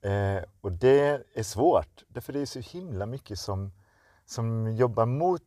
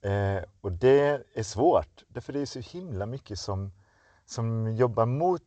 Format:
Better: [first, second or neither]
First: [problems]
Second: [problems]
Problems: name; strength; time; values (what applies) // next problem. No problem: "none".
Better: first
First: none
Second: garbled, watery; slightly; nothing above 7.5 kHz